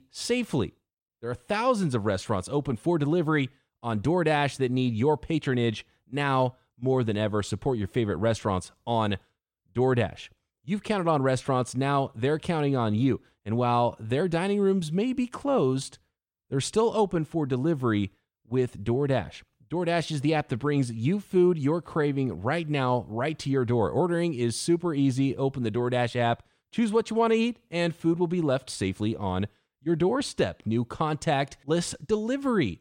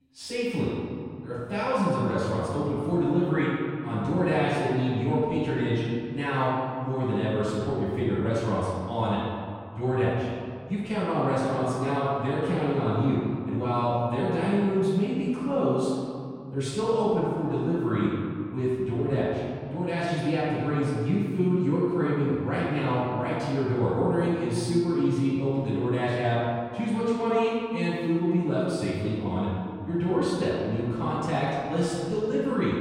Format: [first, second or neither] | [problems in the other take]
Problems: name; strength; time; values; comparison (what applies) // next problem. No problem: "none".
first | off-mic speech; far // room echo; strong; dies away in 2.1 s